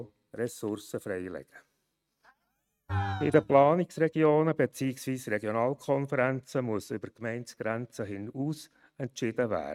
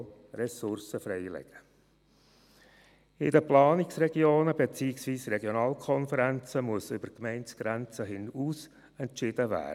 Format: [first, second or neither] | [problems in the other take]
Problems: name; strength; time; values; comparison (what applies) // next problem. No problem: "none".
second | noise reduction (neural mask model RNNoise)